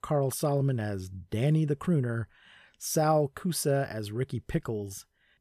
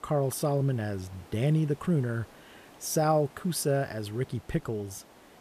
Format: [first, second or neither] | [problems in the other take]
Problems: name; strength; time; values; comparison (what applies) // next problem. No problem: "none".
first | hiss; faint; throughout; 25 dB below the speech